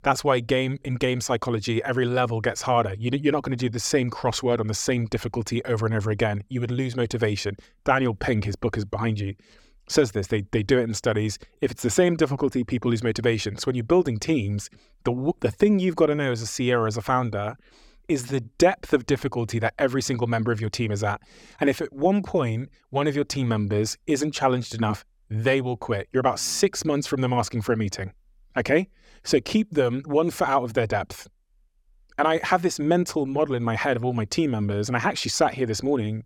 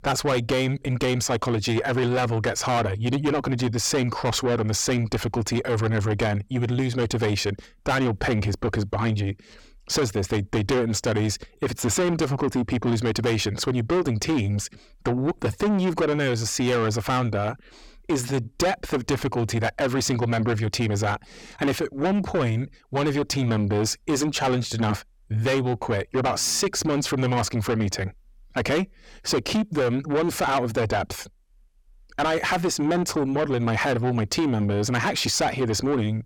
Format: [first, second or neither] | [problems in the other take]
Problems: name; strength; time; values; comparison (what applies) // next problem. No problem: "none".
first | distortion; heavy; 7 dB below the speech